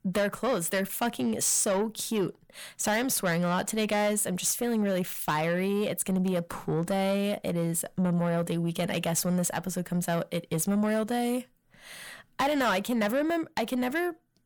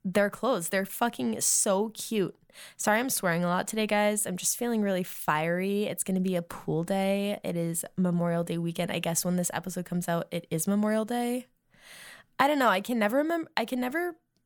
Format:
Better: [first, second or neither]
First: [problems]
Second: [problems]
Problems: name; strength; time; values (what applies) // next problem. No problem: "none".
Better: second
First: distortion; slight; 10 dB below the speech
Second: none